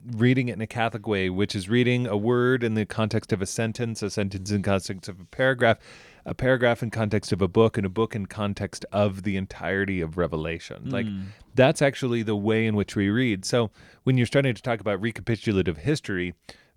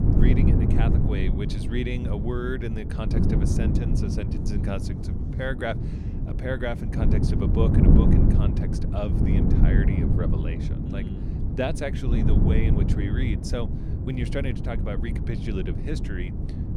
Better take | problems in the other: first | wind noise on the microphone; heavy; 1 dB below the speech

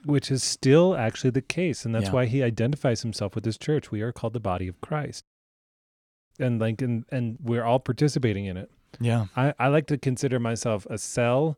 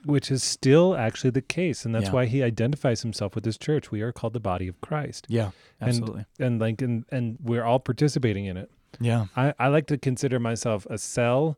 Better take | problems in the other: second | audio cutting out; at 5 s for 1 s

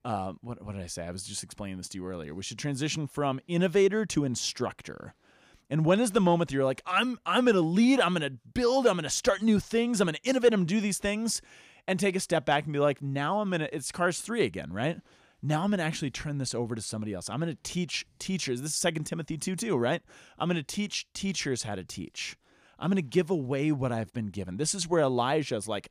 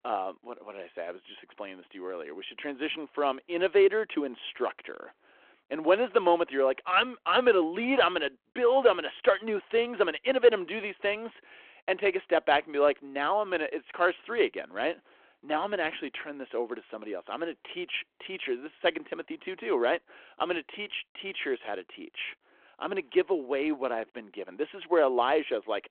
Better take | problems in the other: first | phone-call audio

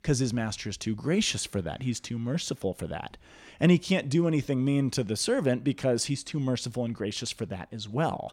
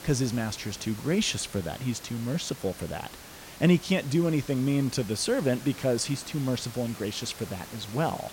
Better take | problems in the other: first | hiss; noticeable; throughout; 15 dB below the speech

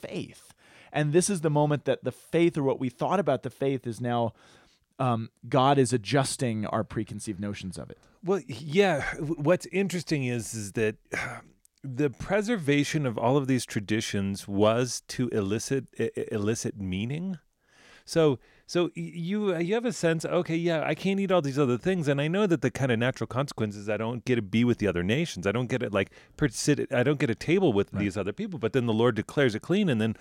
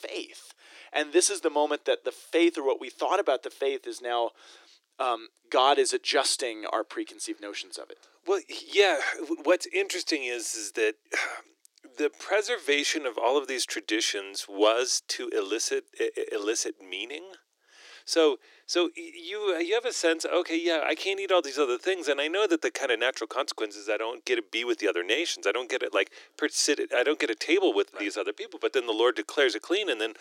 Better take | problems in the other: first | thin; very; fading below 300 Hz

